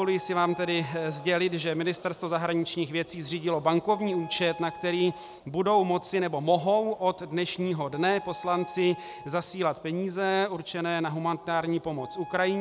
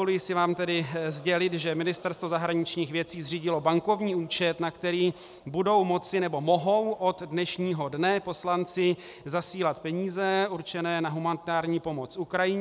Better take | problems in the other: second | background sound (Wind instrument, woodwind instrument); 18 dB below the speech

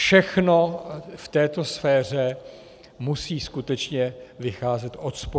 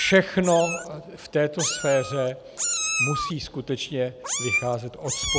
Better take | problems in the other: first | background sound (Meow); 5 dB below the speech

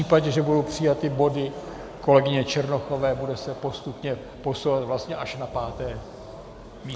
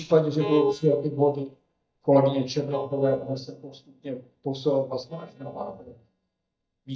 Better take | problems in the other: first | noise reduction (neural mask model DeepFilterNet 3)

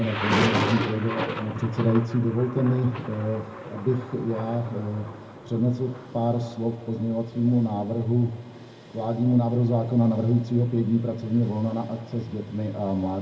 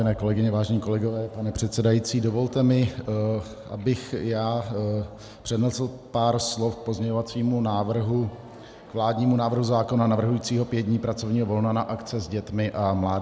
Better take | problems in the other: second | background sound (Thunder); 10 dB below the speech // room echo; dies away in 0.4 s

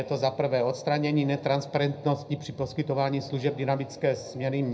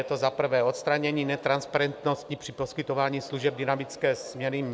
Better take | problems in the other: second | room echo; dies away in 0.5 s

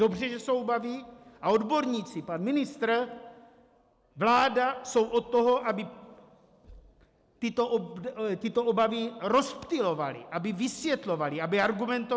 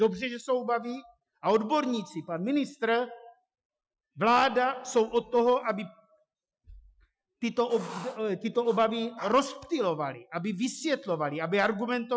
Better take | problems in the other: first | noise reduction (classical method Wiener filter)

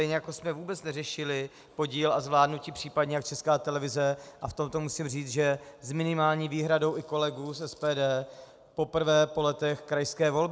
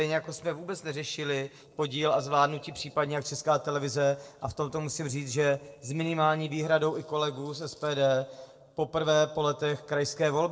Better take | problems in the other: first | noise reduction (neural separator model SepFormer DNS4)

